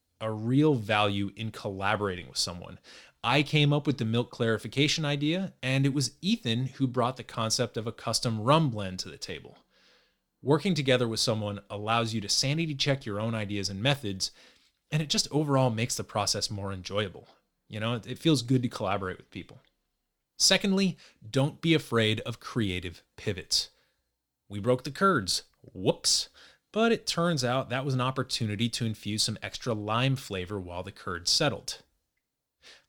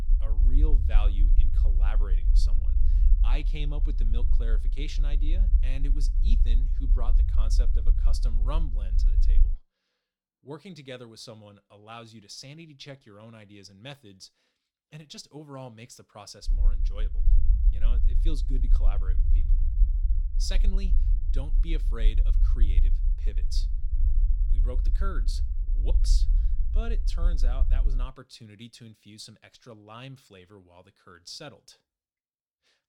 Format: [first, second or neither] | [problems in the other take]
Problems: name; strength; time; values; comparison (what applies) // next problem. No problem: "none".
first | low rumble; loud; until 9.5 s and from 16 to 28 s; 8 dB below the speech